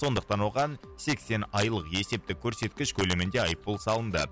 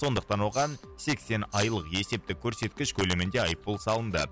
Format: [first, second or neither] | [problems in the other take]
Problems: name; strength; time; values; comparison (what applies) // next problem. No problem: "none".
first | background sound (Tambourine); 13 dB below the speech